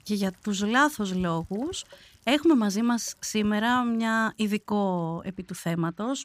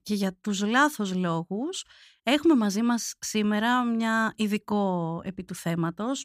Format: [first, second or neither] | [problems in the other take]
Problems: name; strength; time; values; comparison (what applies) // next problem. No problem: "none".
second | rain or running water; faint; throughout; 25 dB below the speech